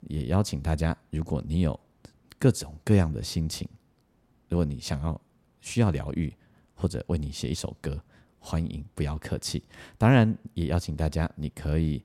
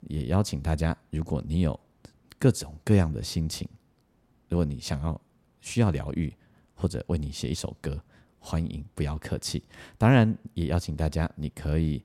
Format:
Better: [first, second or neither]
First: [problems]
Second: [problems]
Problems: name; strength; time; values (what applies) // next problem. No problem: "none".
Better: neither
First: none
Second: none